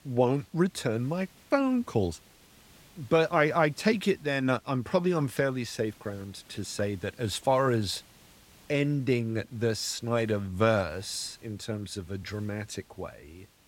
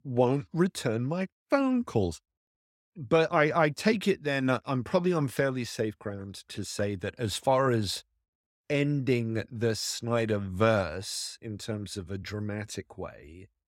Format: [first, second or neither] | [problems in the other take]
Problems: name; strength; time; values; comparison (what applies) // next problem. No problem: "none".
second | hiss; faint; throughout; 25 dB below the speech